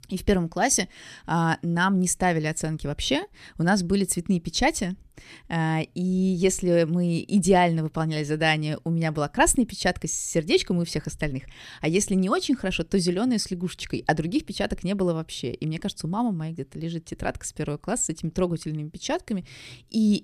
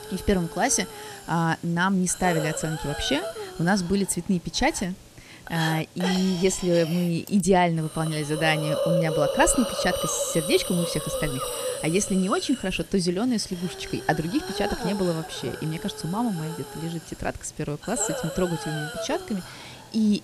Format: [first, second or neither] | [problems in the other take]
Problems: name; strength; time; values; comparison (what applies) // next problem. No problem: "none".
first | hiss; loud; throughout; 7 dB below the speech